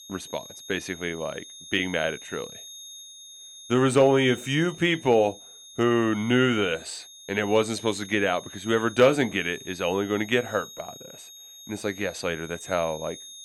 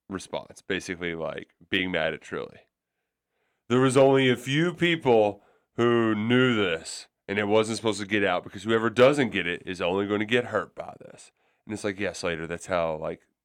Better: second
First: high-pitched whine; noticeable; throughout; 3.5 kHz, 15 dB below the speech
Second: none

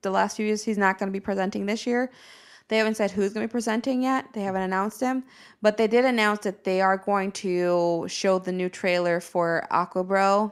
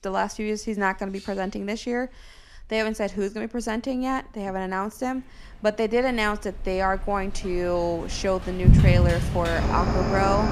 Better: first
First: none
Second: animal sounds; very loud; throughout; 4 dB above the speech

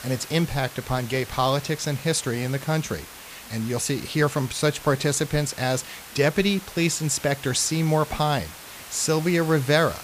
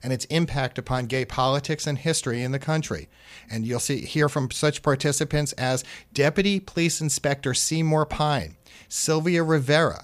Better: second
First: hiss; noticeable; throughout; 15 dB below the speech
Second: none

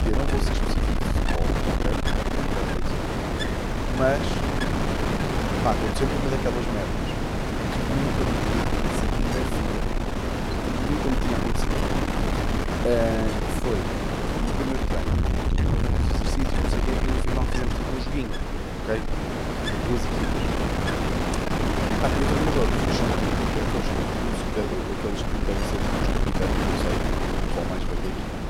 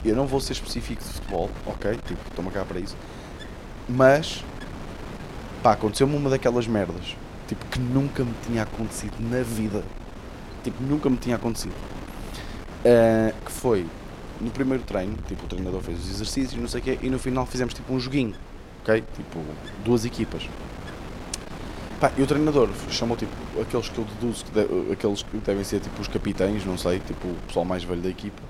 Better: second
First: wind noise on the microphone; heavy; 4 dB above the speech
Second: wind noise on the microphone; occasional gusts; 15 dB below the speech

